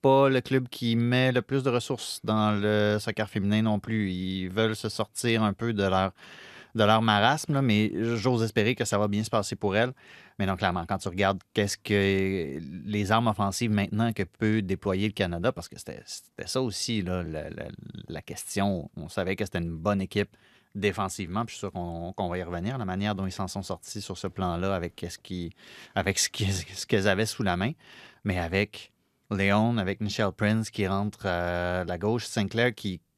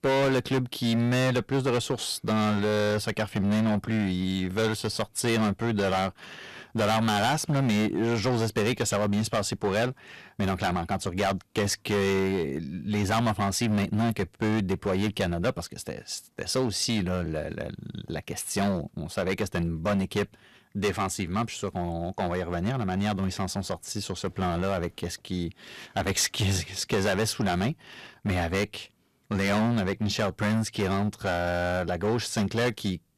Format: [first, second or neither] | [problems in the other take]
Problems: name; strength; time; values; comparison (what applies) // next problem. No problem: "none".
first | distortion; heavy; 12% of the sound clipped